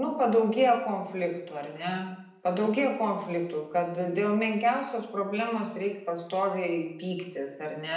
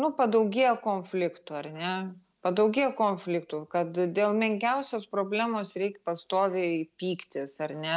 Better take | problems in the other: second | room echo; dies away in 0.7 s

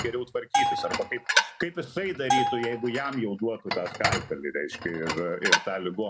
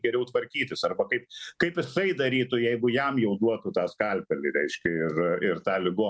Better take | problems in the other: second | background sound (Bell + Dishes, pots, and pans); 1 dB above the speech

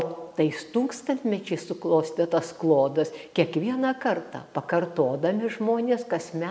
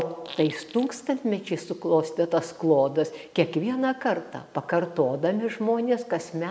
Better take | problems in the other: first | background sound (Fart); 19 dB below the speech

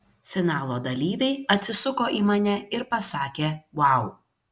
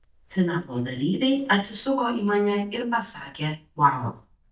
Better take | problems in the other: first | noise reduction (neural mask model DeepFilterNet 3)

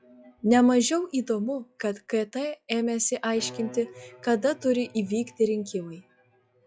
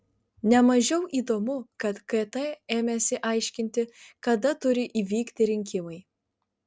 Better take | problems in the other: second | noise reduction (classical method log-MMSE)

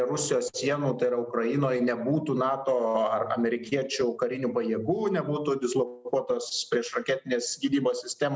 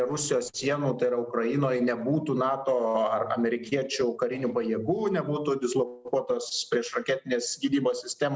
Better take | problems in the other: first | noise reduction (neural separator model SepFormer DNS4)

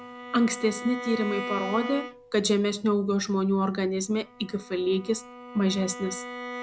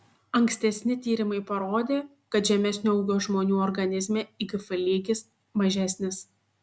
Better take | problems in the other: second | background sound (Bowed string instrument); 12 dB below the speech

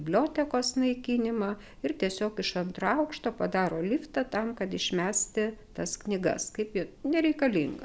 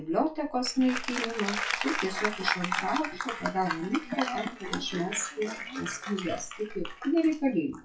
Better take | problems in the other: first | noise reduction (classical method WPE with log-MMSE)

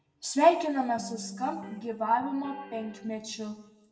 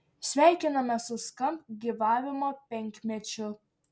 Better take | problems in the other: second | background sound (Electric guitar); 16 dB below the speech // room echo; dies away in 0.8 s

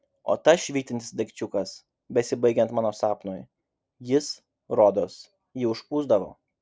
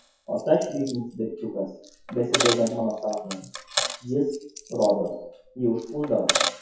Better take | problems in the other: first | noise reduction (classical method WPE with log-MMSE)

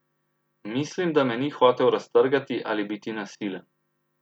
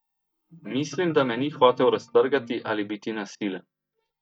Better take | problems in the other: first | noise reduction (neural mask model DeepFilterNet 3)

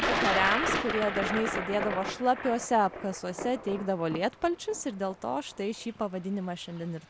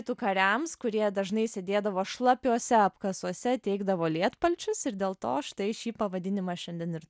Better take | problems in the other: second | background sound (Thunder); 4 dB below the speech

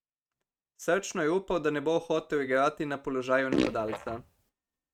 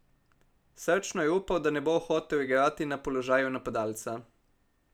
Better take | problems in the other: second | noise reduction (neural mask model RNNoise)

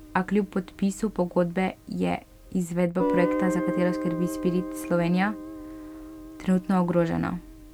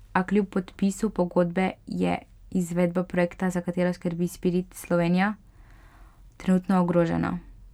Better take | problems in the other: second | background sound (Guitar); 6 dB below the speech

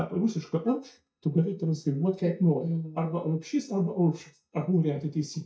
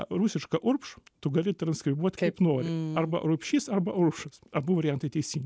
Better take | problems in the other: second | noise reduction (neural mask model DeepFilterNet 3)

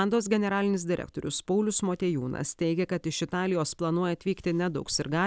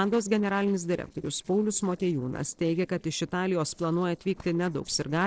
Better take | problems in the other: first | noise reduction (neural separator model SepFormer DNS4)

